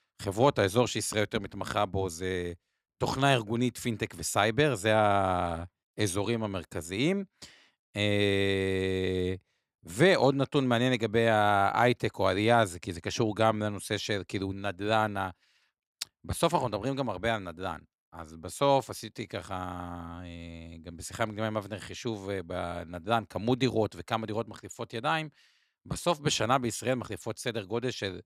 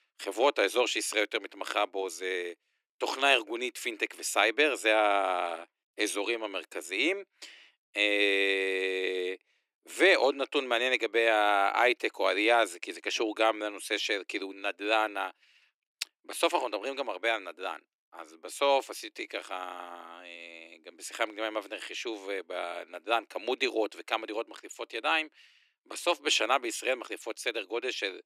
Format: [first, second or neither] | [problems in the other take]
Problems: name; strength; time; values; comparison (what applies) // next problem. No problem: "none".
first | thin; very; fading below 300 Hz